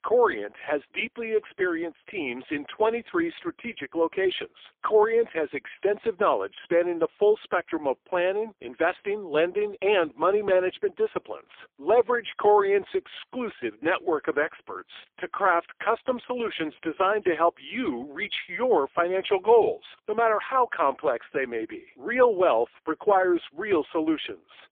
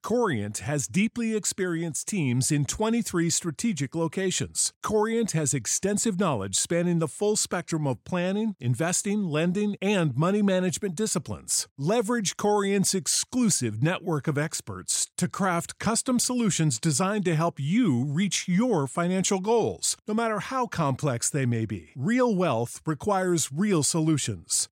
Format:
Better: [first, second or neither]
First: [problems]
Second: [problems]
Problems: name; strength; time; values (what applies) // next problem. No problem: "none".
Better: second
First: phone-call audio; poor line; nothing above 3.5 kHz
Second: none